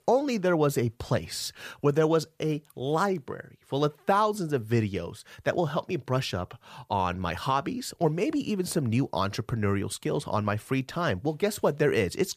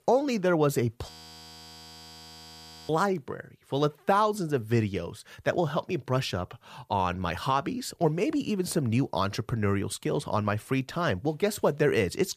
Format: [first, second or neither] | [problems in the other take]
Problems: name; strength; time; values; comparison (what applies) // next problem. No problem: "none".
first | audio freezing; at 1 s for 2 s